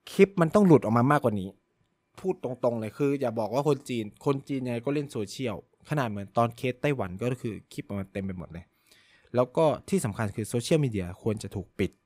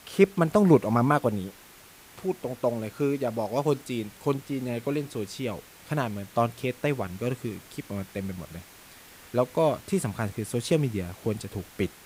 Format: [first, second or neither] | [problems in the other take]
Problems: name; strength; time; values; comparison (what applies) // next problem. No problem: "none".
first | hiss; faint; throughout; 20 dB below the speech